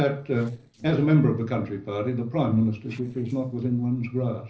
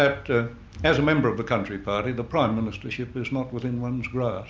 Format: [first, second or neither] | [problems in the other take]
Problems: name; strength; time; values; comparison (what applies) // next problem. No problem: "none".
second | noise reduction (neural separator model SepFormer DNS4)